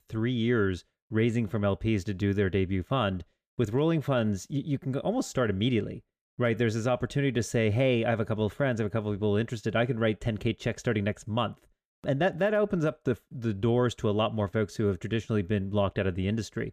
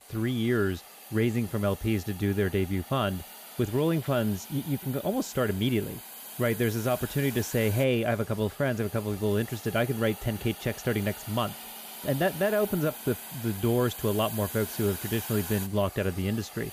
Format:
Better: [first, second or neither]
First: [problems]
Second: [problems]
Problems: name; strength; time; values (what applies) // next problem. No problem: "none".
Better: first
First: none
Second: hiss; noticeable; throughout; 10 dB below the speech